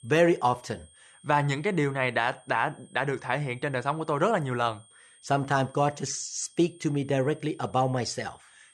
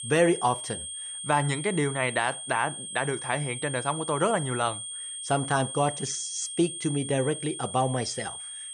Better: first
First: high-pitched whine; faint; throughout; 8.5 kHz, 30 dB below the speech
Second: high-pitched whine; loud; throughout; 8.5 kHz, 7 dB below the speech

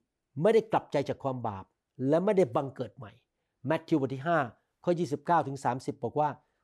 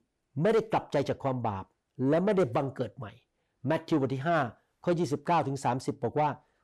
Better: first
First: none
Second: distortion; slight; 10 dB below the speech

